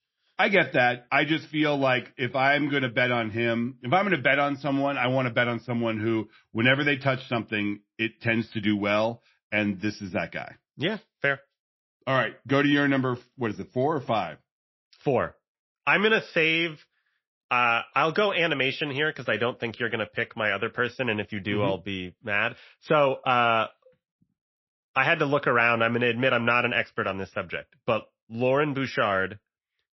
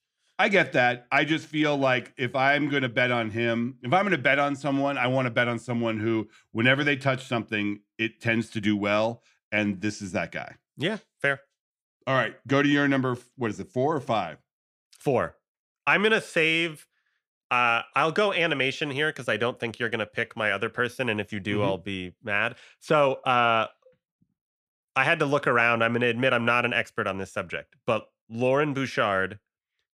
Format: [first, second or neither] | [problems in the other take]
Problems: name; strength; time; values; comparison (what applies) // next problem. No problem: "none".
second | garbled, watery; slightly; nothing above 5.5 kHz